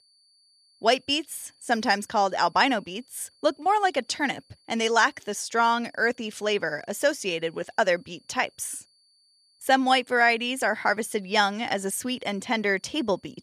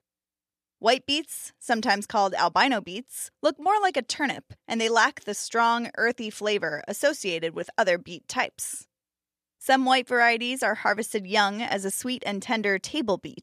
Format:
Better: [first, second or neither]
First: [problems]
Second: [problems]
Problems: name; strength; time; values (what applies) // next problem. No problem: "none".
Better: second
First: high-pitched whine; faint; throughout; 4.5 kHz, 35 dB below the speech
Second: none